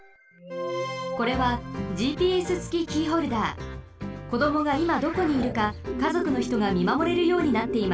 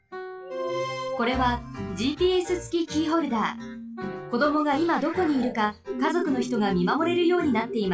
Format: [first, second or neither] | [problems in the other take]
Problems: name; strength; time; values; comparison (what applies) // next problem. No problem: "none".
first | noise reduction (classical method log-MMSE)